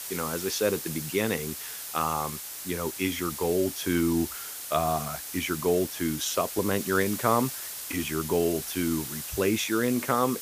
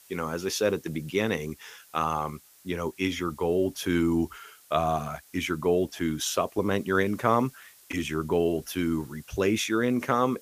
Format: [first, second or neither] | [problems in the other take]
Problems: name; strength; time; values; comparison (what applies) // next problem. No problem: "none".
second | hiss; loud; throughout; 6 dB below the speech; faint in the second